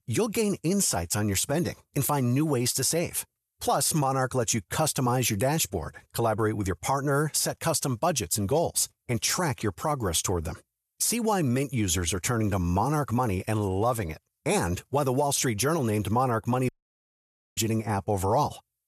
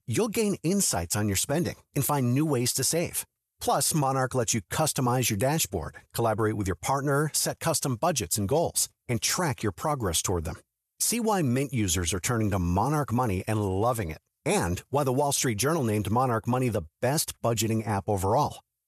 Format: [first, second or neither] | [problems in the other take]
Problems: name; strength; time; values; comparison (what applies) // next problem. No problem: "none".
second | audio cutting out; at 17 s for 1 s